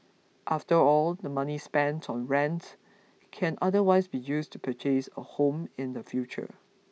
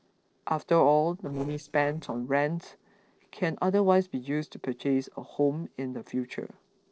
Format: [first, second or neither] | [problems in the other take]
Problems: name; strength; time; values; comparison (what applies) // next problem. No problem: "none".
first | noise reduction (neural separator model SepFormer DNS4)